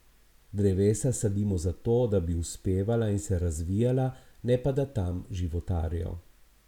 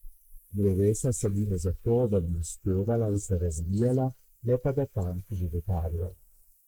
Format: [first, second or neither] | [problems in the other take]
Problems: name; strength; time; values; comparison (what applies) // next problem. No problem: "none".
first | noise reduction (neural mask model Resemble Enhance denoiser)